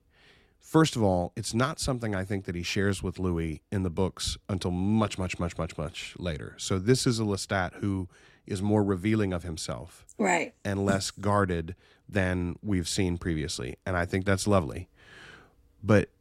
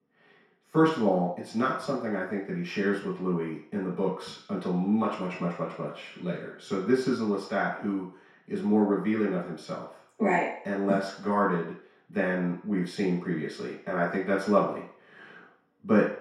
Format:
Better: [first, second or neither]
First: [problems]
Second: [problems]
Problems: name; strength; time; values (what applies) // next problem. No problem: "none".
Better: first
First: none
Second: room echo; noticeable; dies away in 0.6 s // off-mic speech; far